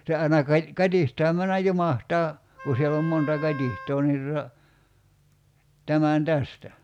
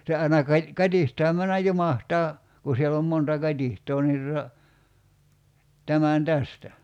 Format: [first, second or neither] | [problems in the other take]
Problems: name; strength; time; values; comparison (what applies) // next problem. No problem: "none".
second | background sound (Wind instrument, woodwind instrument); 14 dB below the speech